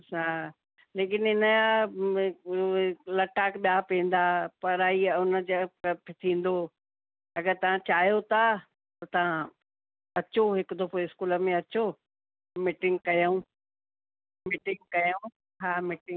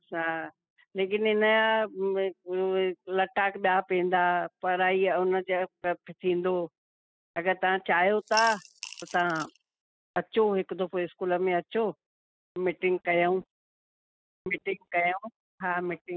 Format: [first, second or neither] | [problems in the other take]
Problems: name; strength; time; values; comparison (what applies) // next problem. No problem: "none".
first | noise reduction (classical method spectral subtraction)